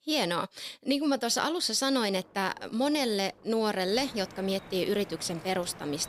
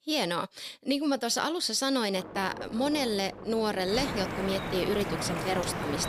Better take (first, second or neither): first